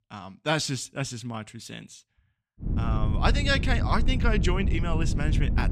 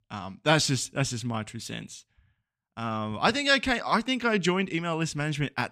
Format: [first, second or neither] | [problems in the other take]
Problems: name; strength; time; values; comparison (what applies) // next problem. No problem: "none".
second | wind noise on the microphone; occasional gusts; from 2.5 s on; 10 dB below the speech